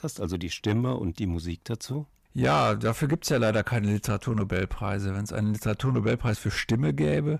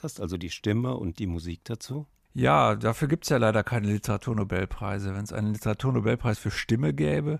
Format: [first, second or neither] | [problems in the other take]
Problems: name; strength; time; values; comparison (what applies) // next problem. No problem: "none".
second | distortion; slight; 10 dB below the speech